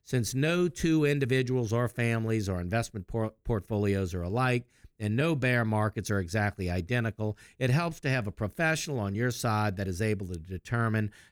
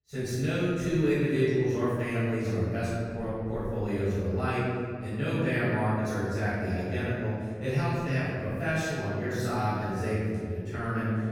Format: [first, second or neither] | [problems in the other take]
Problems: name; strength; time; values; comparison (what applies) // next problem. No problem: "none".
first | off-mic speech; far // room echo; strong; dies away in 2 s